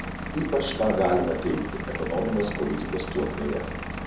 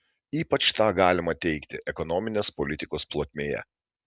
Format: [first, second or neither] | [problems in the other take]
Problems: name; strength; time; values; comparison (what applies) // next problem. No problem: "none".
second | background sound (Engine / Vehicle); 5 dB below the speech // room echo; dies away in 2.6 s